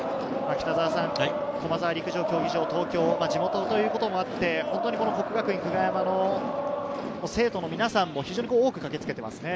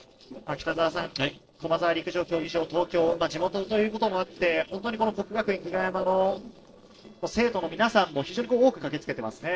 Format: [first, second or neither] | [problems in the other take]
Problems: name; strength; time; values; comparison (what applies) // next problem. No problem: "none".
first | noise reduction (neural separator model SepFormer DNS4)